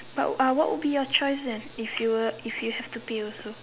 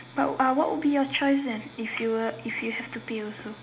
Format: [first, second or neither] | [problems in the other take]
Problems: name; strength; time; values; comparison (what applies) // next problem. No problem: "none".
first | room echo; dies away in 0.4 s